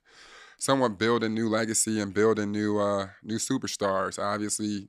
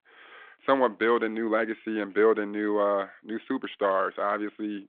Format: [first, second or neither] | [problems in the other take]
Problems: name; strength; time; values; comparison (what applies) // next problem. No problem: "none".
first | phone-call audio